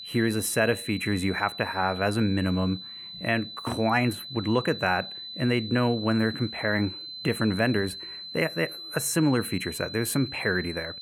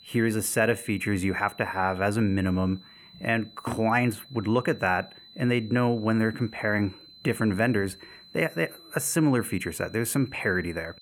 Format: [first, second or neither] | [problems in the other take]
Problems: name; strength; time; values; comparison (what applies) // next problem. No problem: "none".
second | high-pitched whine; loud; throughout; 4 kHz, 10 dB below the speech; faint in the second